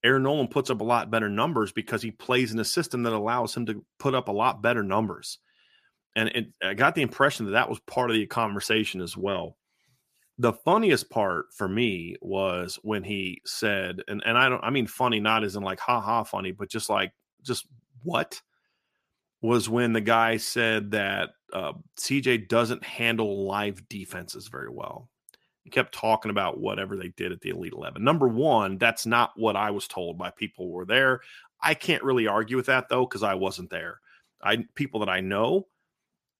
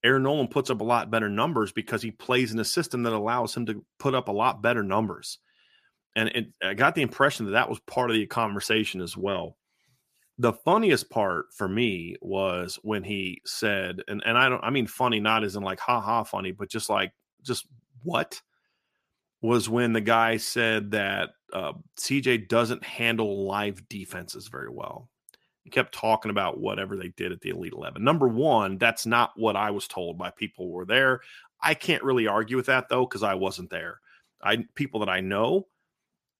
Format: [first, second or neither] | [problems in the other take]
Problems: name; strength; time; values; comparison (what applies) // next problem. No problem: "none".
neither | none